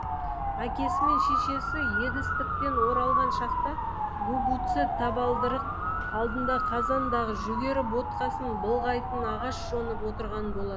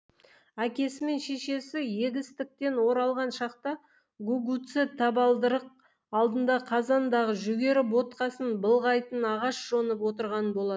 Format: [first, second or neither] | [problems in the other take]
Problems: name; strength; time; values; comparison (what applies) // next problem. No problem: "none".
second | background sound (Motor vehicle (road) / Siren); 3 dB above the speech